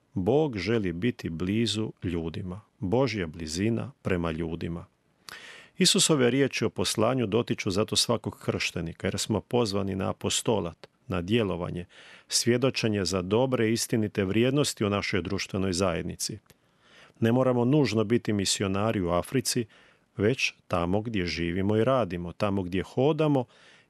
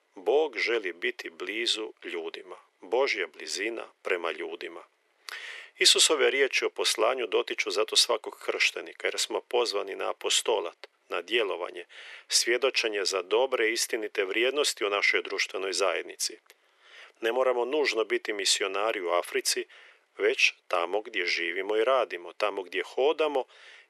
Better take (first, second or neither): first